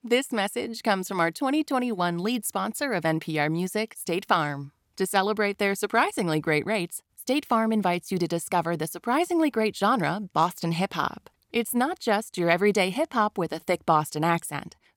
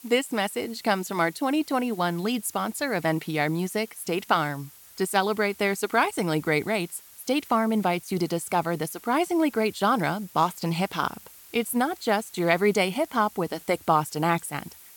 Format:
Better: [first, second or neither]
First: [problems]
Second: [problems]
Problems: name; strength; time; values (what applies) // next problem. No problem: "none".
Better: first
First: none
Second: hiss; faint; throughout; 20 dB below the speech